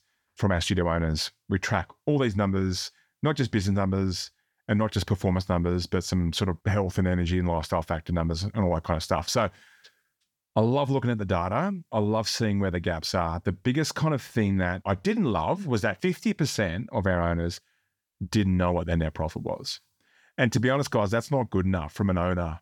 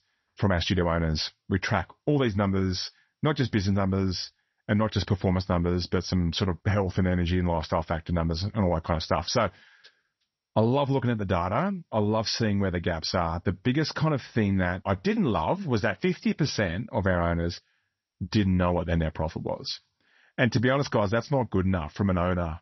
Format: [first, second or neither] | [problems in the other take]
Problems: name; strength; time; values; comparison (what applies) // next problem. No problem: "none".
first | garbled, watery; slightly; nothing above 6 kHz